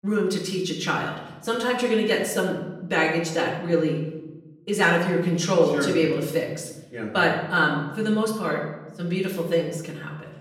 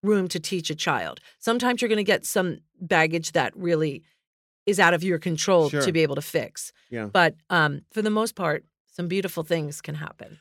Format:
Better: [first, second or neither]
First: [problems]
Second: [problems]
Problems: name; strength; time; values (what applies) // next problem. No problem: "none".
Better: second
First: off-mic speech; far // room echo; noticeable; dies away in 0.9 s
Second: none